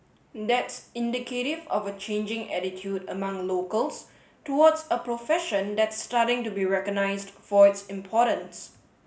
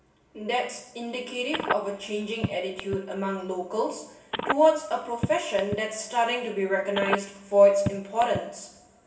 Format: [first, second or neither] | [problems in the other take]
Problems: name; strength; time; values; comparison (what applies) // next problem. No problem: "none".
first | background sound (Telephone); 6 dB below the speech // room echo; dies away in 0.9 s